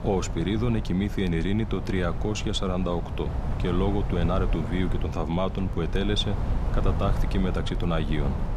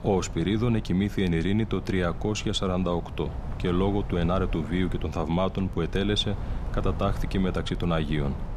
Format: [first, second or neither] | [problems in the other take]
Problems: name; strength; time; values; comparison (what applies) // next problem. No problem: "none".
second | wind noise on the microphone; heavy; 9 dB below the speech; occasional gusts in the second